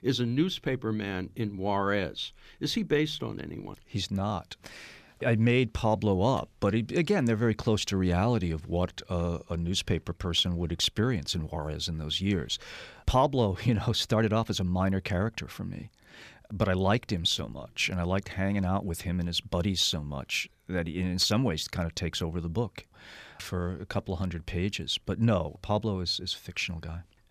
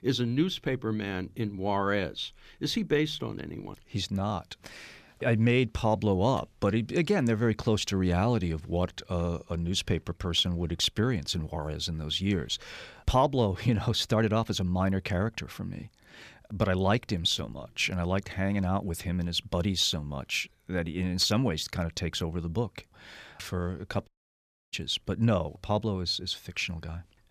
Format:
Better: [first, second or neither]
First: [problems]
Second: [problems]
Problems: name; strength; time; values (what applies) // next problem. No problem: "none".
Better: first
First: none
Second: audio cutting out; at 24 s for 0.5 s